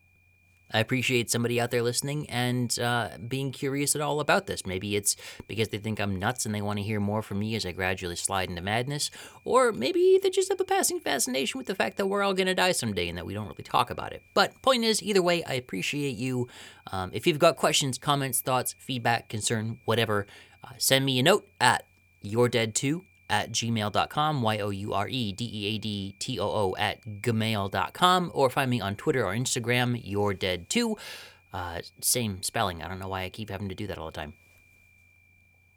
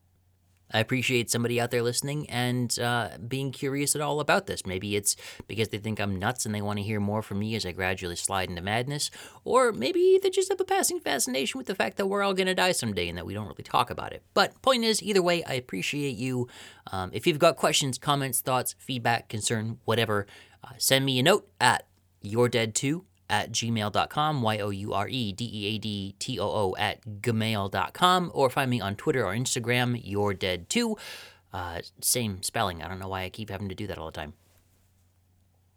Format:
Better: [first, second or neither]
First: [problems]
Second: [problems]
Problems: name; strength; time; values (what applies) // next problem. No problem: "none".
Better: second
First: high-pitched whine; faint; throughout; 2.5 kHz, 35 dB below the speech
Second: none